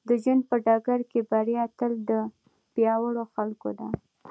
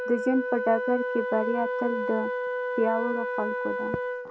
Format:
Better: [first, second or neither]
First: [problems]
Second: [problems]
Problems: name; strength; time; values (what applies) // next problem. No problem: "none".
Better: first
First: none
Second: background sound (Wind instrument, woodwind instrument); 1 dB below the speech